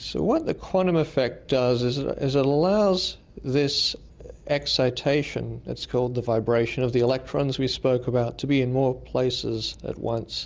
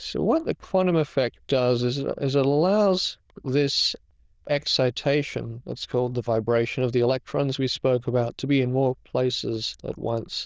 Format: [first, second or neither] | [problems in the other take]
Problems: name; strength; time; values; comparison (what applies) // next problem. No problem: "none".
first | noise reduction (neural diffusion model UNIVERSE++)